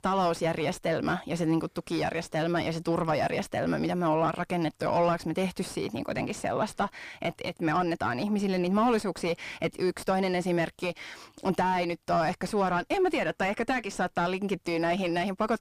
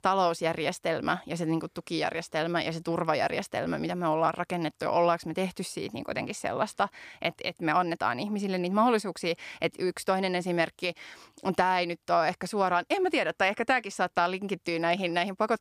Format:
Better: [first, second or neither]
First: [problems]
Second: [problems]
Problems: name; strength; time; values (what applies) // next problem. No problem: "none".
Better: second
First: distortion; heavy; 7 dB below the speech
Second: none